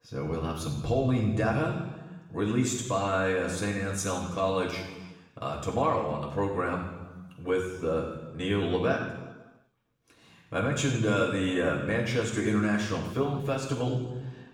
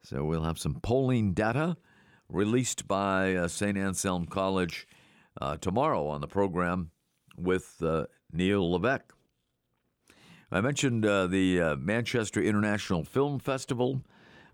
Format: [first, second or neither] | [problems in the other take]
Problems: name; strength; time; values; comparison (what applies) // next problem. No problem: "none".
second | room echo; noticeable; dies away in 1.1 s // off-mic speech; far